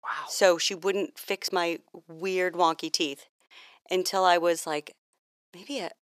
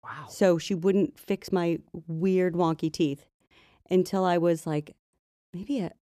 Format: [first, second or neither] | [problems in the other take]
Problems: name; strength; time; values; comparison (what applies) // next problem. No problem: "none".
second | thin; very; fading below 700 Hz